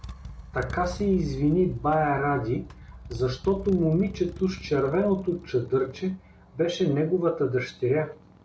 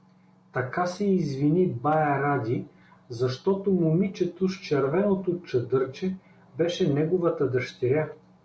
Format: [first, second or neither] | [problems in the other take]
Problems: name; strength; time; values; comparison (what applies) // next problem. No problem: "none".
second | background sound (Motorcycle); 15 dB below the speech